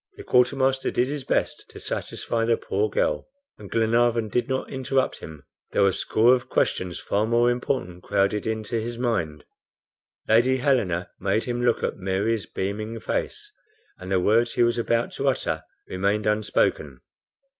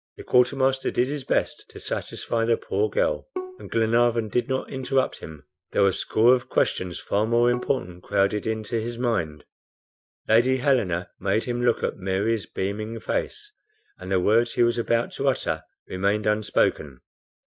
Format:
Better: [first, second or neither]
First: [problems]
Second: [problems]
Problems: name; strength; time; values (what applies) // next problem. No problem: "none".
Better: first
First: none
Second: noise reduction (neural mask model DeepFilterNet 3)